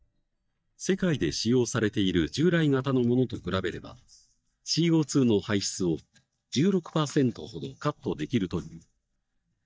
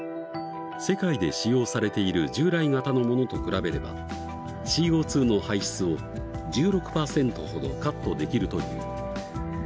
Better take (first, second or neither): second